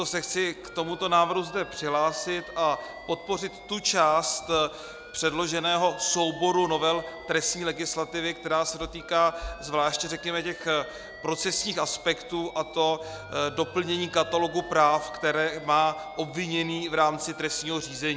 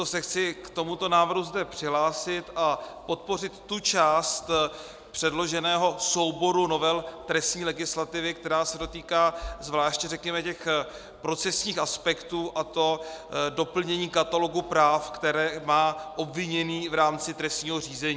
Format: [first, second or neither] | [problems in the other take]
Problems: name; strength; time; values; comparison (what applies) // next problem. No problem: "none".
second | background sound (Alarm + Bowed string instrument); 19 dB below the speech